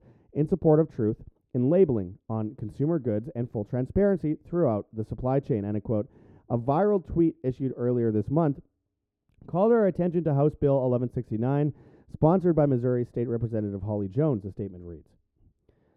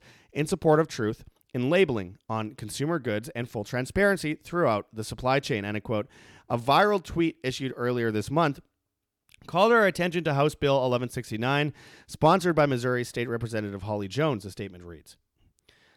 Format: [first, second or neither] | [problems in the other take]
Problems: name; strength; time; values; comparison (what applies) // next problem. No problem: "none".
second | muffled; very; fading above 1 kHz